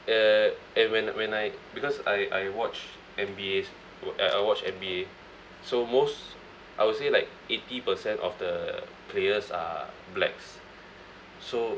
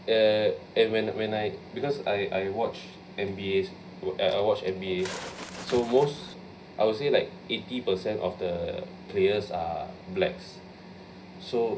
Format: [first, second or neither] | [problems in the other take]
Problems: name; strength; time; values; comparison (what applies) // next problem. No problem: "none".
first | background sound (Bird); 11 dB below the speech // room echo; dies away in 0.4 s